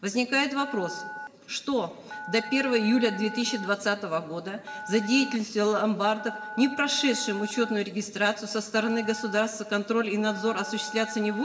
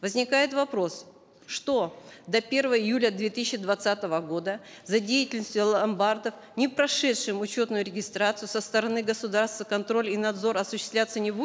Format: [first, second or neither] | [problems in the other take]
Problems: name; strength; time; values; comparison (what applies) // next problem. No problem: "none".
second | background sound (Telephone); 13 dB below the speech // room echo; dies away in 2.3 s